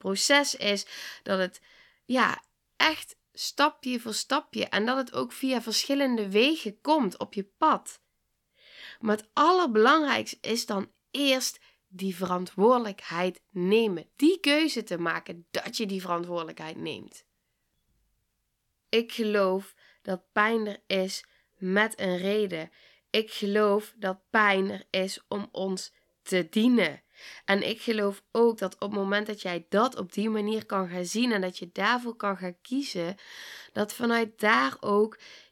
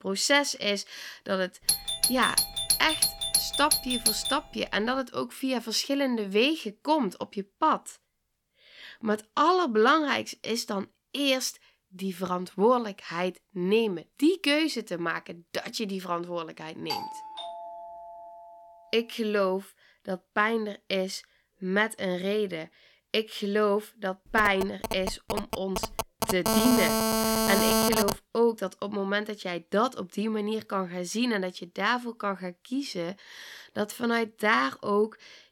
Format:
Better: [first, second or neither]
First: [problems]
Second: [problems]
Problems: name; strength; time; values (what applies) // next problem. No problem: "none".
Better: first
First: none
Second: doorbell; loud; from 1.5 to 4.5 s; peak 5 dB above the speech // doorbell; noticeable; from 17 to 18 s; peak 6 dB below the speech // phone ringing; loud; from 24 to 28 s; peak 5 dB above the speech